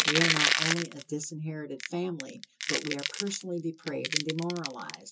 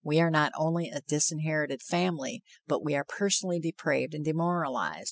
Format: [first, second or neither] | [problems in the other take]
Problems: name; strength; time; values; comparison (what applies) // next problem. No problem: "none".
second | background sound (Crushing); 2 dB above the speech // room echo; dies away in 0.2 s